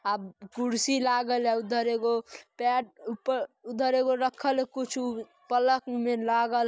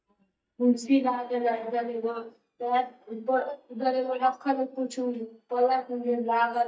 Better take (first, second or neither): first